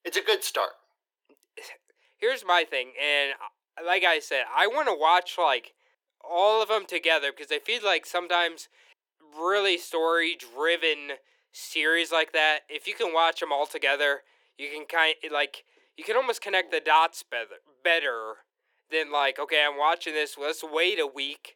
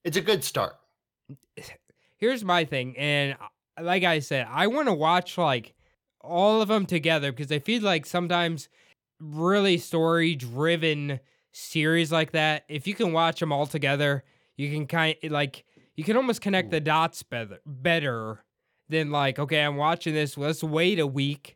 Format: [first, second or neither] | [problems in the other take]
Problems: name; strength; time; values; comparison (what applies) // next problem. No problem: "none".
second | thin; very; fading below 350 Hz